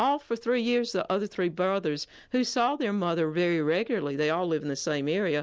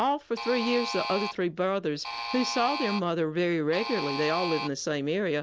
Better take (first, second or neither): first